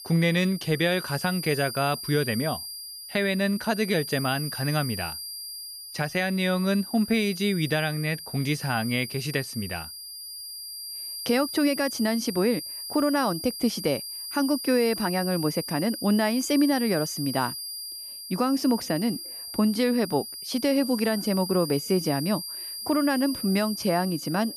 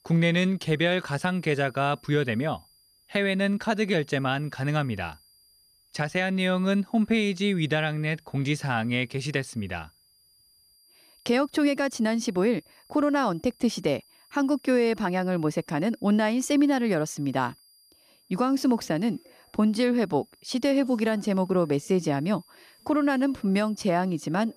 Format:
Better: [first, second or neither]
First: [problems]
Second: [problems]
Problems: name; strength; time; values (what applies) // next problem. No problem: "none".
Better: second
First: high-pitched whine; loud; throughout; 5 kHz, 8 dB below the speech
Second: high-pitched whine; faint; throughout; 5 kHz, 30 dB below the speech